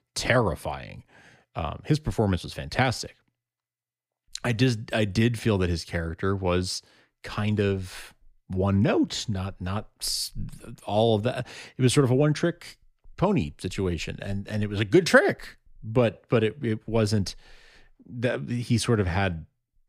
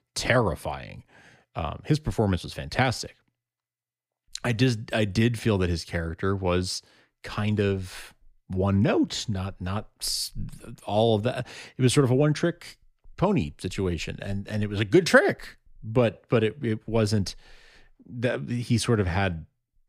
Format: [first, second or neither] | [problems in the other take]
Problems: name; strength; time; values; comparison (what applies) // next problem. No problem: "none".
neither | none